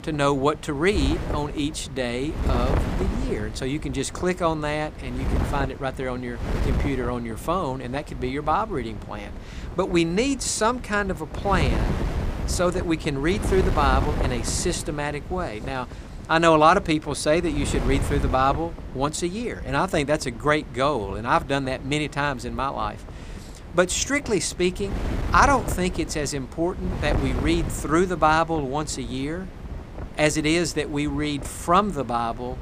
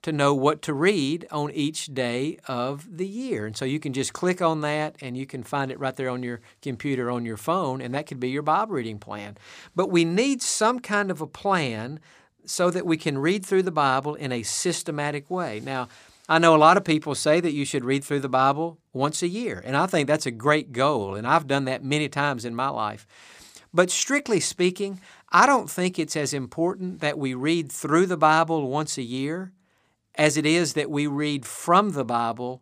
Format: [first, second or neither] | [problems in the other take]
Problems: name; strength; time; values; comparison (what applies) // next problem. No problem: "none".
second | wind noise on the microphone; occasional gusts; 15 dB below the speech